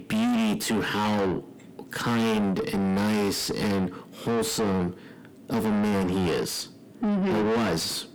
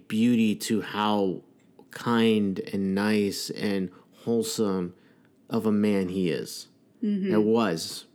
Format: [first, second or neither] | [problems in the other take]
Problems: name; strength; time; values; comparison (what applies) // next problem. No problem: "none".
second | distortion; heavy; 5 dB below the speech